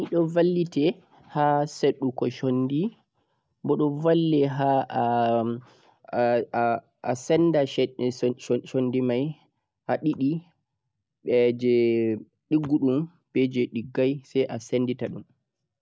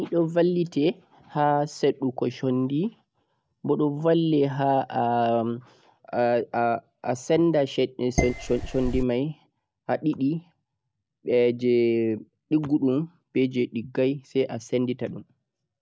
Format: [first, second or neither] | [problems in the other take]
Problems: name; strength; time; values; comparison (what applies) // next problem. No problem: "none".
first | background sound (Dishes, pots, and pans); 3 dB below the speech